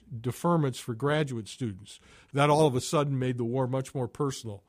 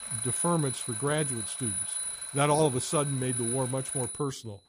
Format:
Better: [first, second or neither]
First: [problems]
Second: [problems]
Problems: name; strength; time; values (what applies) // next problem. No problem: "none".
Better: first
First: none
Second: alarm; loud; peak 2 dB above the speech